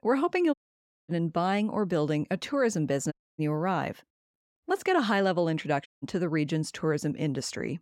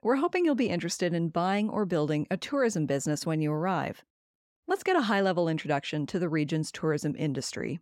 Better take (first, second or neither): second